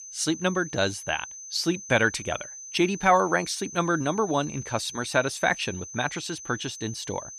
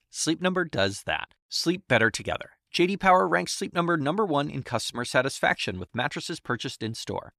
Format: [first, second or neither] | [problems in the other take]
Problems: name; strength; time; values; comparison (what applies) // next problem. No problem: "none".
second | high-pitched whine; noticeable; throughout; 6 kHz, 10 dB below the speech